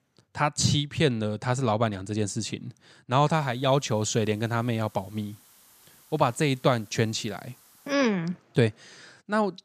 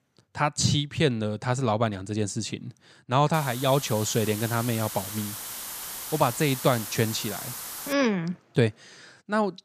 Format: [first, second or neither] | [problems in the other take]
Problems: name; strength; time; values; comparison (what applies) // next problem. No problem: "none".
first | hiss; loud; from 3.5 to 8 s; 8 dB below the speech; faint in the first